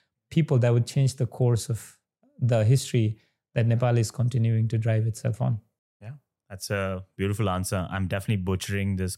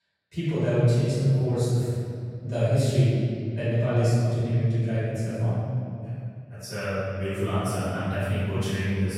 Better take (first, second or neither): first